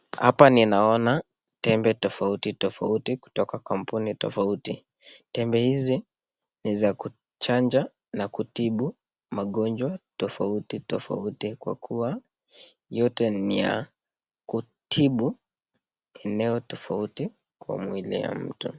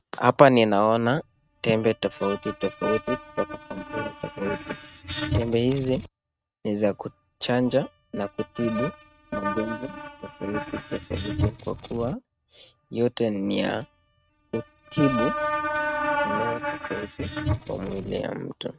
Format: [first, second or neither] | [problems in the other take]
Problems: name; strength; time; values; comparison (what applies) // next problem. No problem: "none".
first | noise reduction (neural mask model RNNoise)